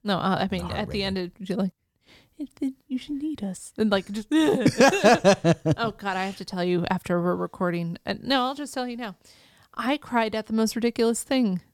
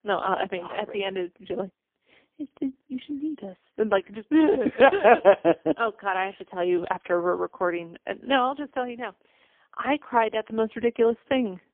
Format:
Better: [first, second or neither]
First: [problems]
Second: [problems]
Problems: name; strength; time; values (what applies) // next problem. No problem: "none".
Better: first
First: none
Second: phone-call audio; poor line; nothing above 3.5 kHz